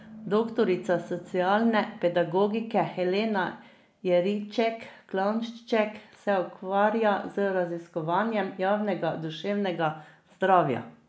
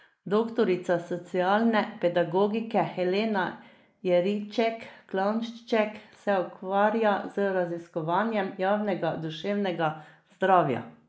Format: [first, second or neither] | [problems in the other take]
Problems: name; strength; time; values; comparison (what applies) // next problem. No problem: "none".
first | noise reduction (neural mask model Resemble Enhance denoiser)